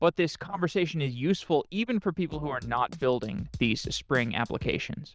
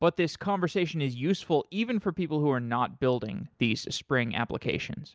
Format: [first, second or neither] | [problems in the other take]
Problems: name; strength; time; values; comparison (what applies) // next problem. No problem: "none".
second | noise reduction (neural diffusion model UNIVERSE++)